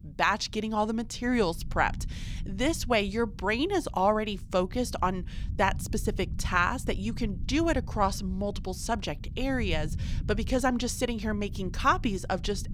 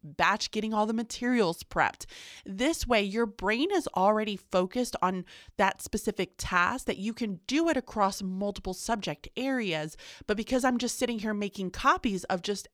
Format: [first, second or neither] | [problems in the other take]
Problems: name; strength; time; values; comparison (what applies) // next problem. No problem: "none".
second | low rumble; faint; throughout; 25 dB below the speech